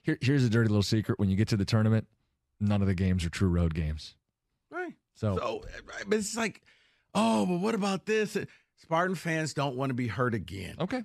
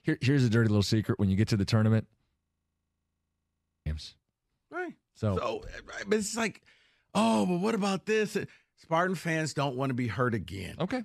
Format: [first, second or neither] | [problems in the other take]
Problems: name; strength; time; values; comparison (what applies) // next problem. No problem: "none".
first | audio freezing; at 2.5 s for 1.5 s